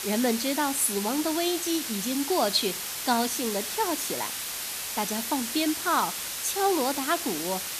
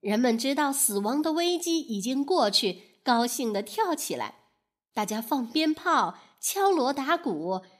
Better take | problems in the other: second | hiss; loud; throughout; 3 dB below the speech

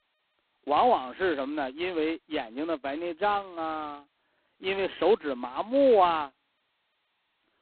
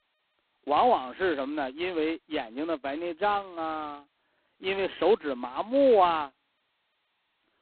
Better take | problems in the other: neither | phone-call audio; poor line; nothing above 4 kHz; the same in both

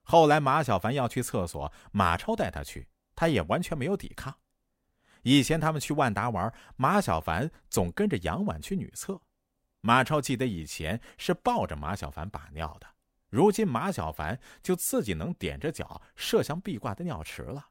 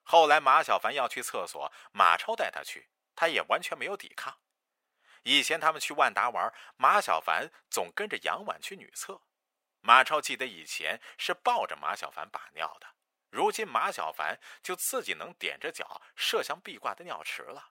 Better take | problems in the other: first | thin; very; fading below 650 Hz

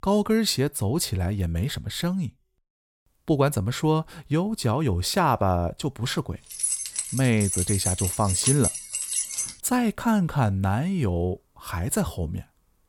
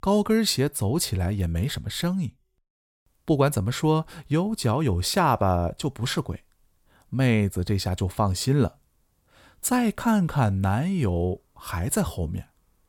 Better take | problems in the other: second | jangling keys; loud; from 6.5 to 9.5 s; peak 3 dB above the speech

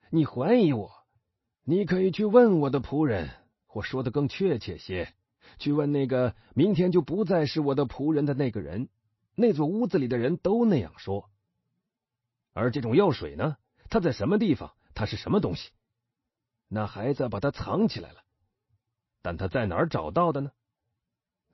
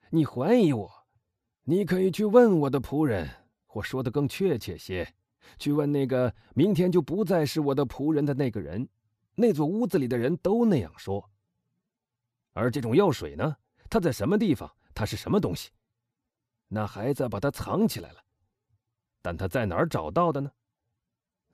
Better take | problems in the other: second | garbled, watery; slightly; nothing above 5.5 kHz

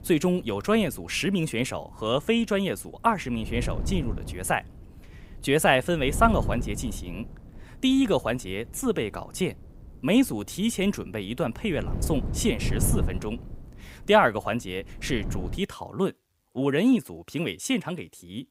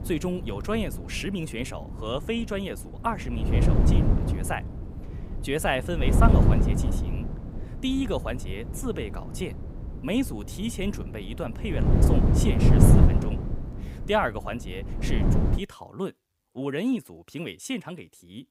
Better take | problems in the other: first | wind noise on the microphone; heavy; until 16 s; 1 dB below the speech; occasional gusts in the first

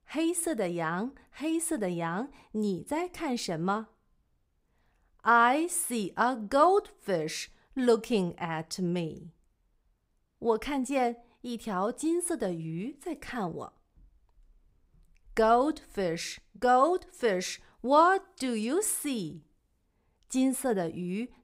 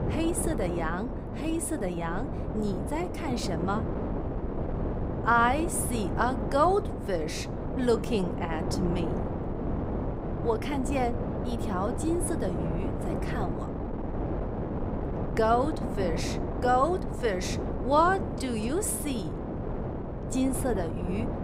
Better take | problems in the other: first | wind noise on the microphone; heavy; 8 dB below the speech

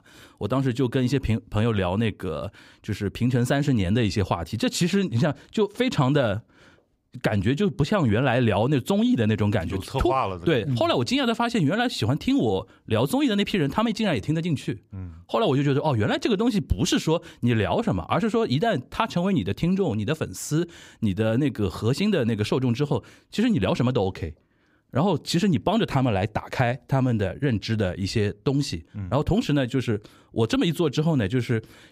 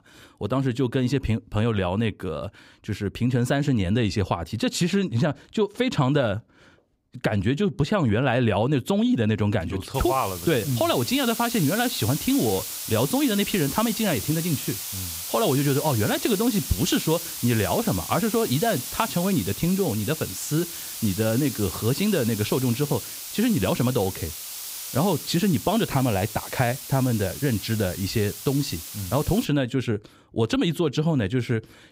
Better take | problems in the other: first | hiss; loud; from 10 to 29 s; 7 dB below the speech

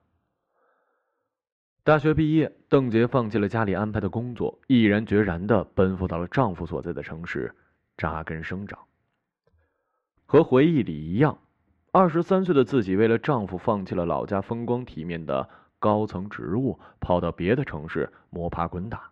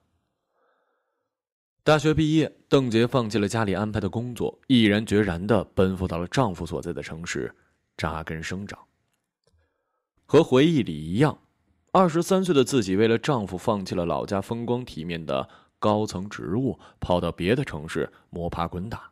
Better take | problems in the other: second | muffled; very; fading above 2 kHz

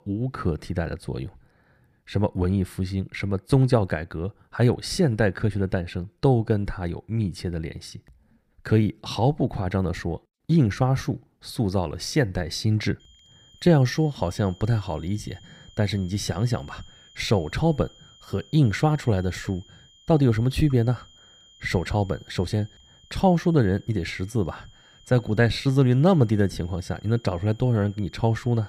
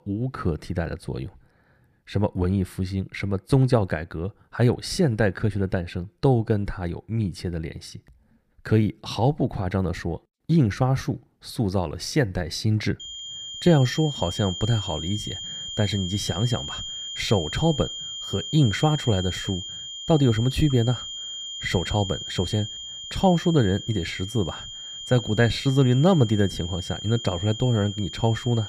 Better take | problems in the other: first | high-pitched whine; loud; from 13 s on; 3 kHz, 8 dB below the speech; faint in the first

